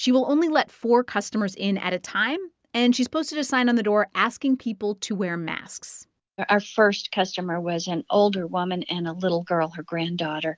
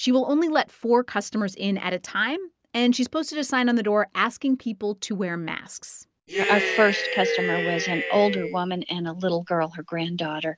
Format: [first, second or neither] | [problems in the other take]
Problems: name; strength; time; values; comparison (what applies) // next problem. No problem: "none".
first | background sound (Cheering); 2 dB below the speech